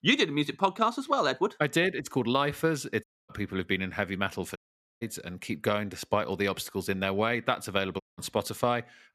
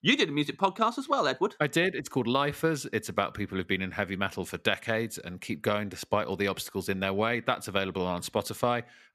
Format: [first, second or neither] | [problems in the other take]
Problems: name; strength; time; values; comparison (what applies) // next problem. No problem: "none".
second | audio cutting out; at 3 s, at 4.5 s and at 8 s